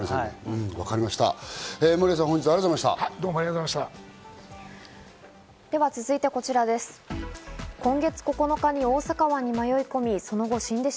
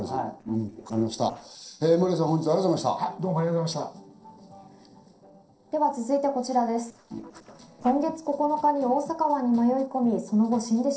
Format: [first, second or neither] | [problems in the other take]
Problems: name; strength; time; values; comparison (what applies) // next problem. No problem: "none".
first | noise reduction (neural separator model SepFormer DNS4)